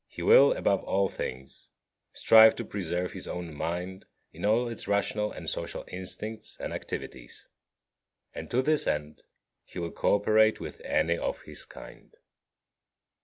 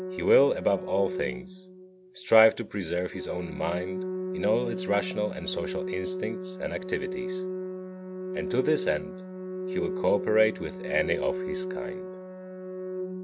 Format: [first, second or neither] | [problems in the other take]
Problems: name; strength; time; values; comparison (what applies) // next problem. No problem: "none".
first | background sound (Organ); 6 dB below the speech